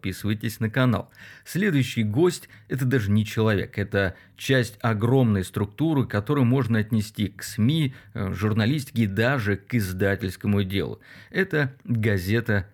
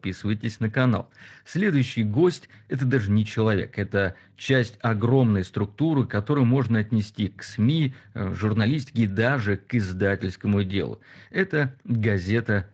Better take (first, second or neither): first